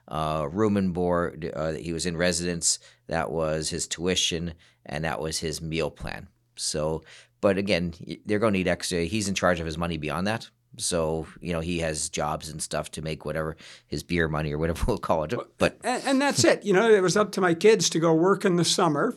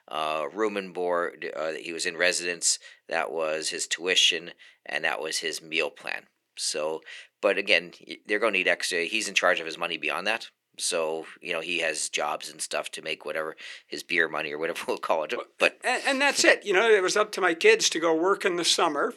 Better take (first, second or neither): first